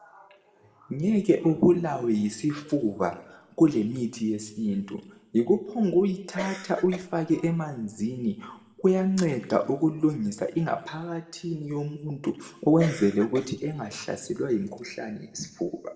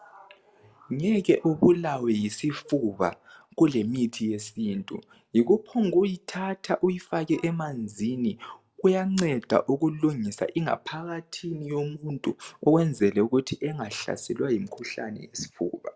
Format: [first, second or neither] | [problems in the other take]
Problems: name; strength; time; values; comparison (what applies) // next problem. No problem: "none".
second | background sound (Cough); 10 dB below the speech // room echo; dies away in 0.7 s